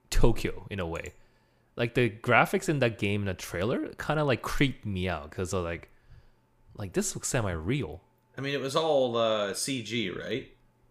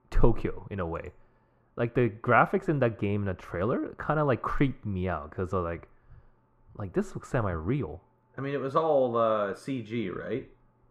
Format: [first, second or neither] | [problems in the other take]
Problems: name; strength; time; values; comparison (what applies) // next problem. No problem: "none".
first | muffled; very; fading above 2.5 kHz